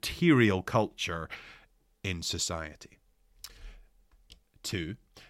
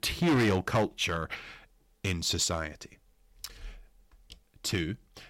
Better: first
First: none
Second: distortion; heavy; 4% of the sound clipped

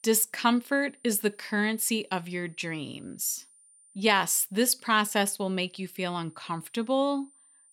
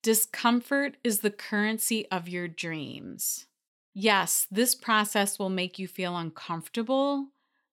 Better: second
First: high-pitched whine; faint; throughout; 9 kHz, 30 dB below the speech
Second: none

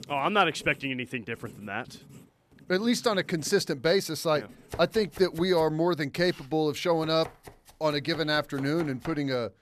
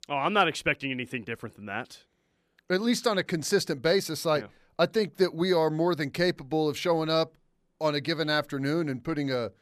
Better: second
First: household noises; faint; throughout; 20 dB below the speech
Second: none

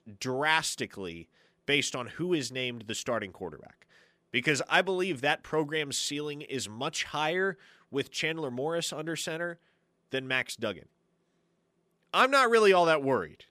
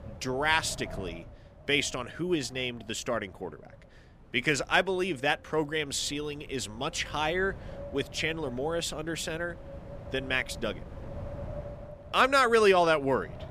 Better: first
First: none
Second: wind noise on the microphone; occasional gusts; 20 dB below the speech

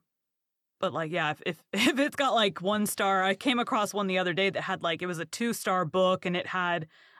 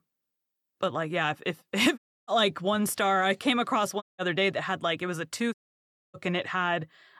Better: first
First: none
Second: audio cutting out; at 2 s, at 4 s and at 5.5 s for 0.5 s

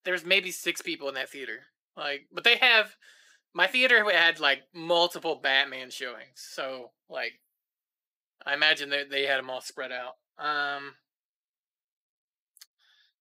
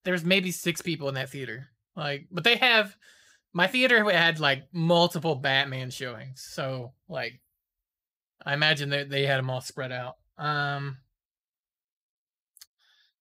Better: second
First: thin; somewhat; fading below 300 Hz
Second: none

